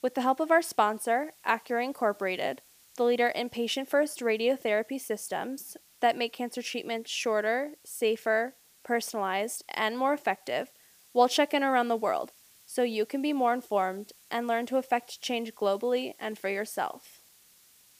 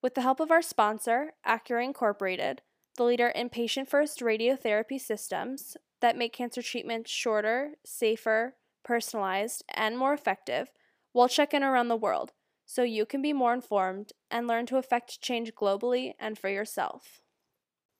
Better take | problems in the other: second | hiss; faint; throughout; 25 dB below the speech

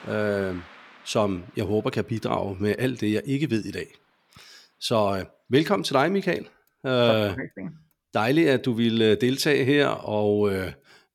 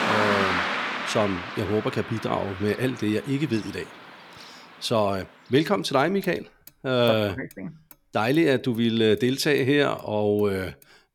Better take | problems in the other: first | traffic noise; loud; throughout; 5 dB below the speech; faint in the first

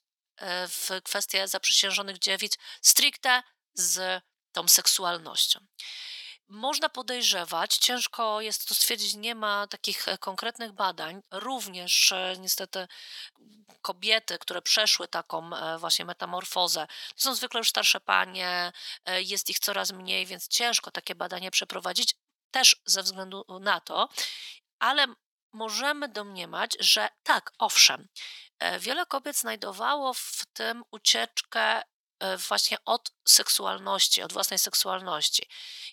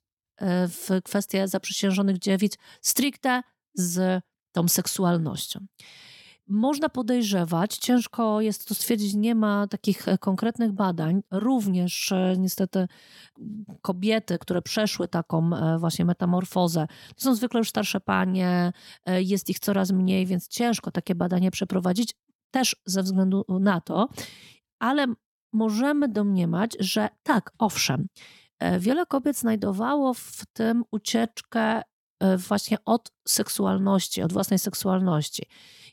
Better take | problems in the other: second | thin; very; fading below 850 Hz

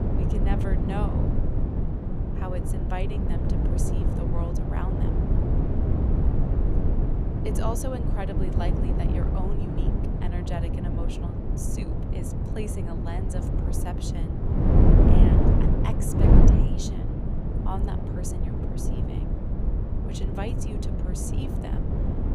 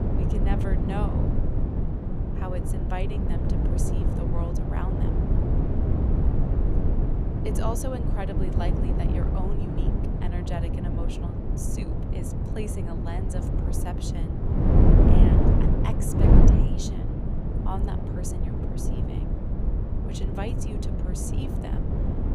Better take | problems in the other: neither | wind noise on the microphone; heavy; 4 dB above the speech; the same in both

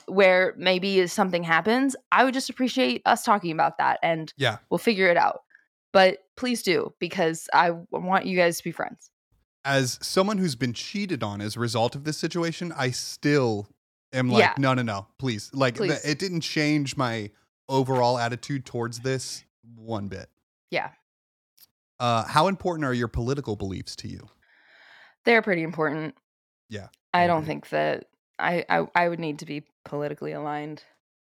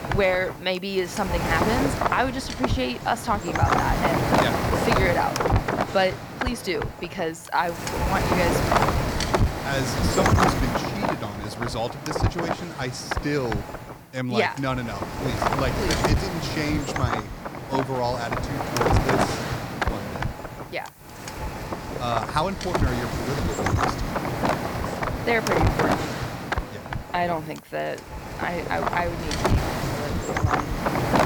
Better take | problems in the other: first | wind noise on the microphone; heavy; 1 dB above the speech

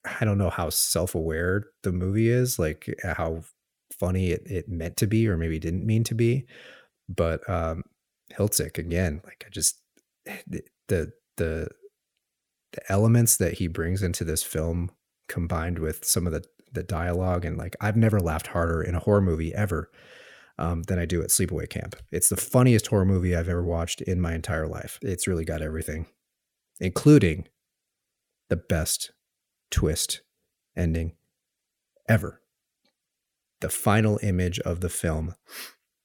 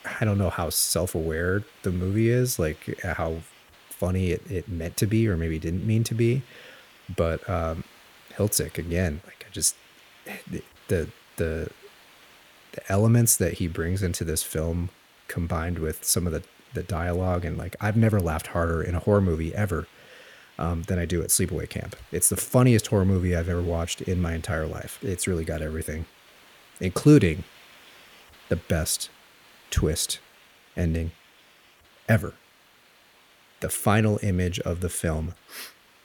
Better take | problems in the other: first | hiss; faint; throughout; 25 dB below the speech

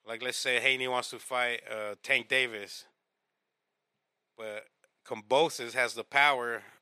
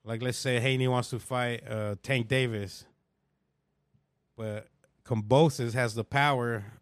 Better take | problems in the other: second | thin; very; fading below 500 Hz

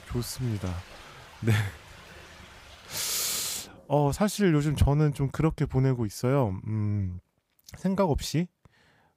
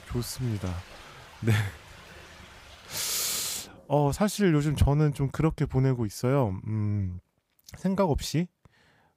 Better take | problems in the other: neither | rain or running water; faint; until 3.5 s; 20 dB below the speech; the same in both

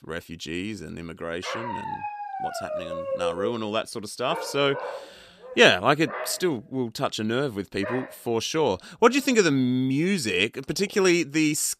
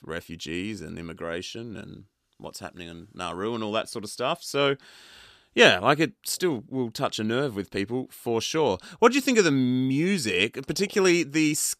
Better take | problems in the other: second | dog barking; noticeable; from 1.5 to 9 s; peak 4 dB below the speech

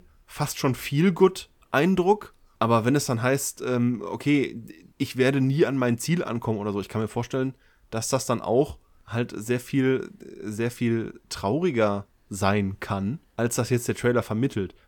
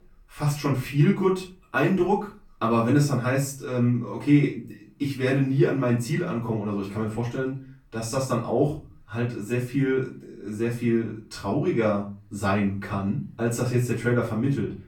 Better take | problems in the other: first | off-mic speech; far // room echo; slight; dies away in 0.3 s

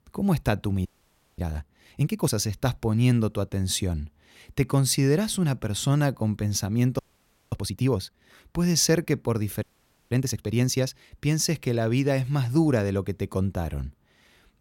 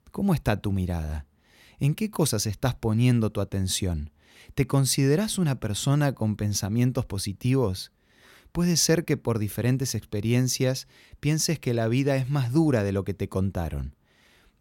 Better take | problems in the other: second | audio freezing; at 1 s for 0.5 s, at 7 s for 0.5 s and at 9.5 s

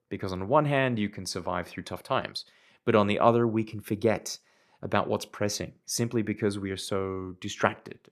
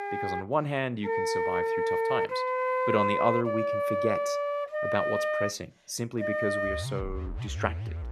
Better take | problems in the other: first | background music; very loud; throughout; 3 dB above the speech

